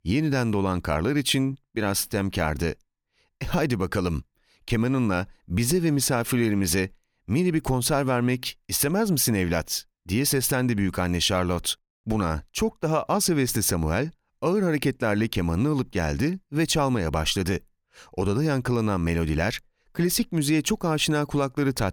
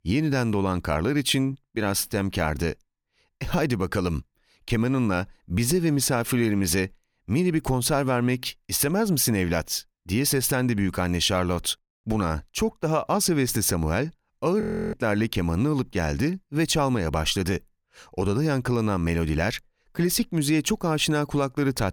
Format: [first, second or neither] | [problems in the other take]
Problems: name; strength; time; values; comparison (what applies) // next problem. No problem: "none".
first | audio freezing; at 15 s